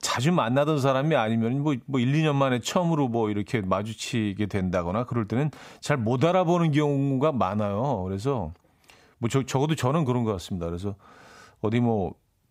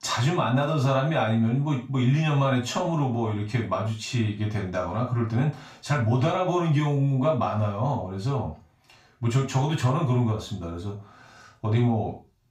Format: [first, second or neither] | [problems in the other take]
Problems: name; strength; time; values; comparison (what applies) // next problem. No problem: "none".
first | room echo; slight; dies away in 0.3 s // off-mic speech; far